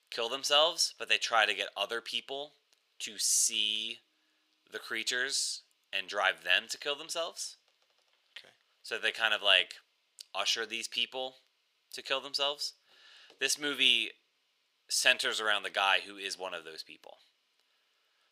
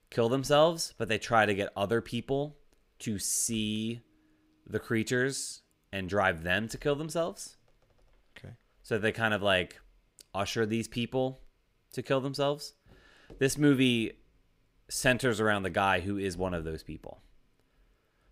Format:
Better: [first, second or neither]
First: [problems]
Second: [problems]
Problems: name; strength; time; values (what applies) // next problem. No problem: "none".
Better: second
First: thin; very; fading below 700 Hz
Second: none